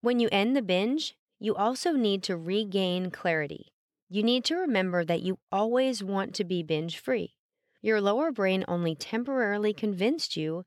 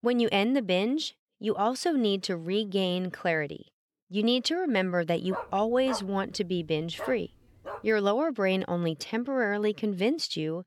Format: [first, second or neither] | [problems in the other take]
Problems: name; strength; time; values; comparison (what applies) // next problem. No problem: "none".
first | dog barking; noticeable; from 5.5 to 8 s; peak 10 dB below the speech